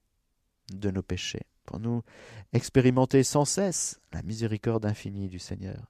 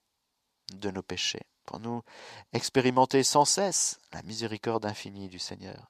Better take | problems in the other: first | thin; somewhat; fading below 850 Hz

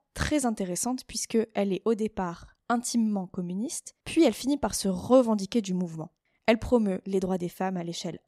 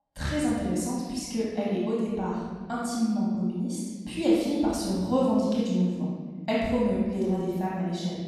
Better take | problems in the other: first | off-mic speech; far // room echo; strong; dies away in 1.6 s

